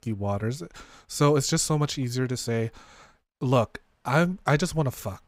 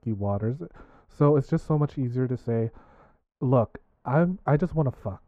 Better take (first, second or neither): first